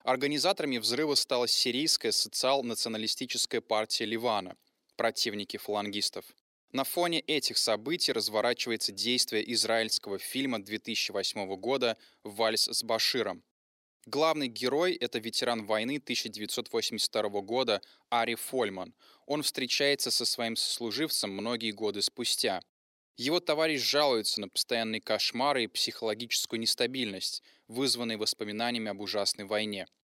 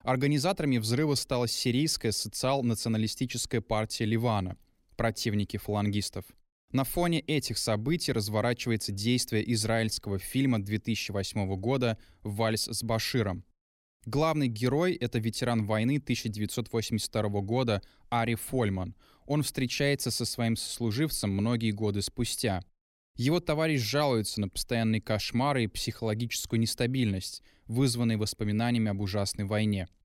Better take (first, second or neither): second